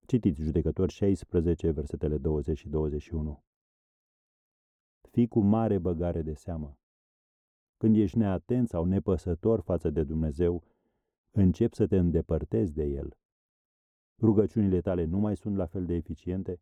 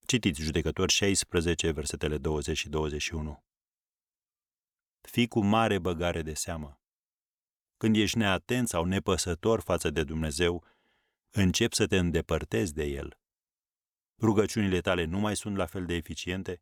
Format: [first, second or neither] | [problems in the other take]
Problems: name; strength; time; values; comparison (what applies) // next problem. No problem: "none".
second | muffled; very; fading above 1 kHz